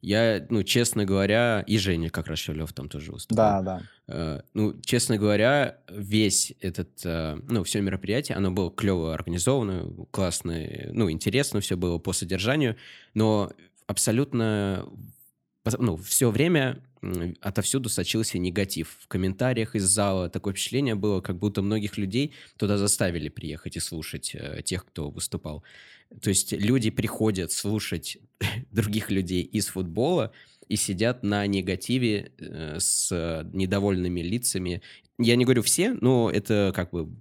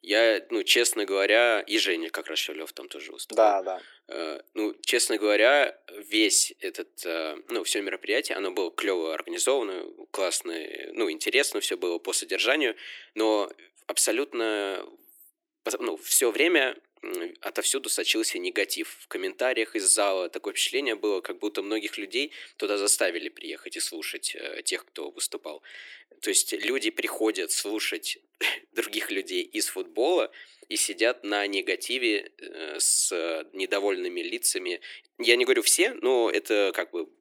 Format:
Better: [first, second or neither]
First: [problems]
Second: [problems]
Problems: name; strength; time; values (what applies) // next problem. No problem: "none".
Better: first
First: none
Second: thin; very; fading below 300 Hz